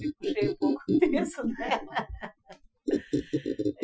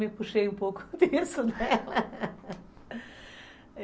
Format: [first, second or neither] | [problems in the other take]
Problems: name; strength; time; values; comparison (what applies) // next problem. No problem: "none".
second | noise reduction (classical method Wiener filter)